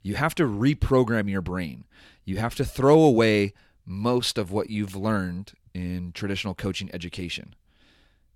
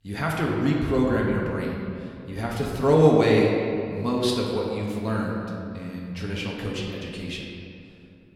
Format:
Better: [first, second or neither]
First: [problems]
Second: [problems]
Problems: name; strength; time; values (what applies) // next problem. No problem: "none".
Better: first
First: none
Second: room echo; noticeable; dies away in 2.1 s // off-mic speech; somewhat distant